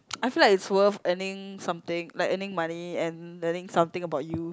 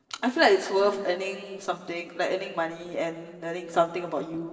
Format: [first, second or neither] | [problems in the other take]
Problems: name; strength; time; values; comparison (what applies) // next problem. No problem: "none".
first | noise reduction (neural separator model SepFormer DNS4)